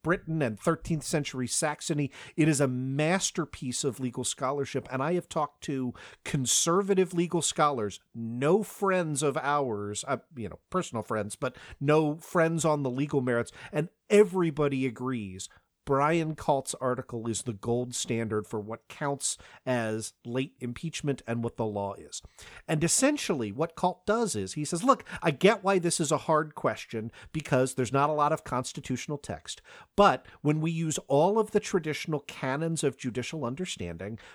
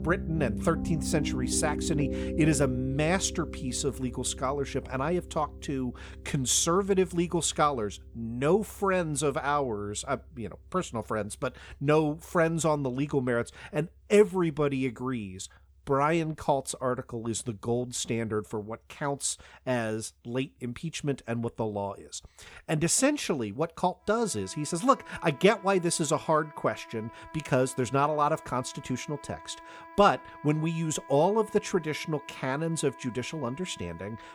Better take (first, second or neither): first